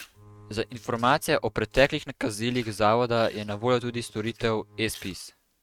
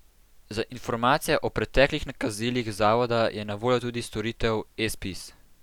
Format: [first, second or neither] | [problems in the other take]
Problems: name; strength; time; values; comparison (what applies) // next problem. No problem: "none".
second | noise reduction (neural mask model RNNoise)